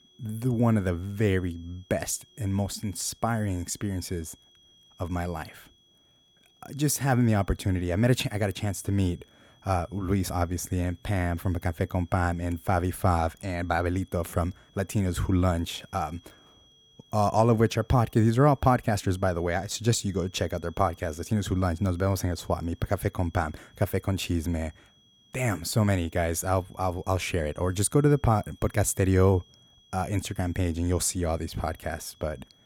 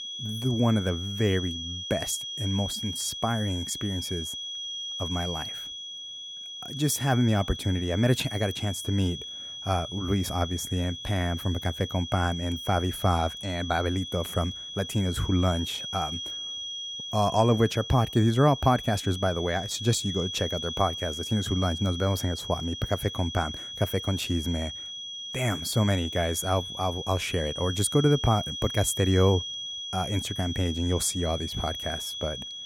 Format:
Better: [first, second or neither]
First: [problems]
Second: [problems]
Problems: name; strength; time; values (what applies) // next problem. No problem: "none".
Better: first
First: high-pitched whine; faint; throughout; 3.5 kHz, 30 dB below the speech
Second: high-pitched whine; loud; throughout; 3.5 kHz, 7 dB below the speech